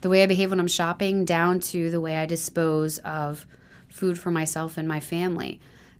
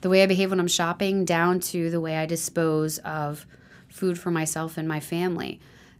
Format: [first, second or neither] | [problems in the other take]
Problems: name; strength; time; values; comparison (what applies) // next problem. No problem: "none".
second | garbled, watery; slightly; nothing above 15.5 kHz